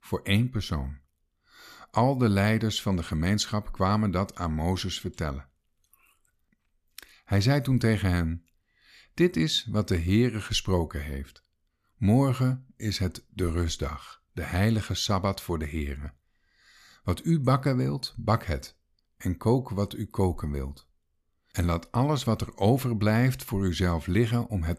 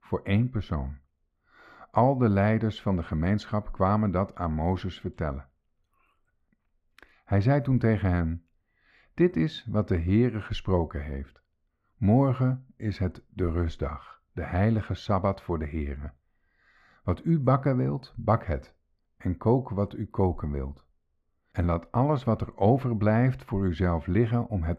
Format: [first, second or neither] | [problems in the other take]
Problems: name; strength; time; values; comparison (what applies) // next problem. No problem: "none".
first | muffled; very; fading above 3.5 kHz